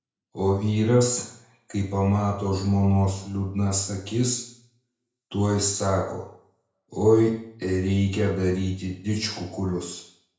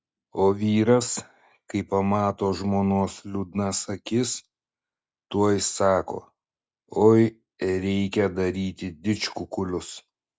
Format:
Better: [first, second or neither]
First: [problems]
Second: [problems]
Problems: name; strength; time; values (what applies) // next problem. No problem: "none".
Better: second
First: room echo; dies away in 0.5 s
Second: none